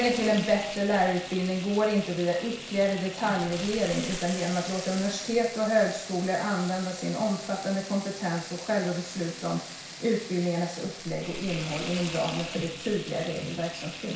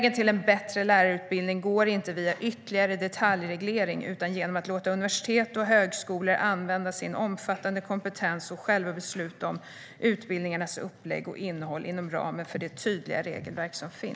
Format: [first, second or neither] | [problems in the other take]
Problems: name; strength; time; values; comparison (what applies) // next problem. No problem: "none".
second | background sound (Frying (food)); 11 dB below the speech // room echo; dies away in 0.6 s